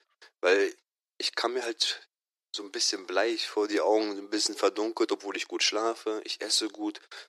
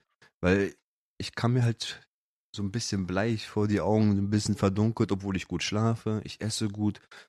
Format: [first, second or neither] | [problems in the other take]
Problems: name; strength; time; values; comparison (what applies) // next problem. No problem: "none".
second | thin; very; fading below 350 Hz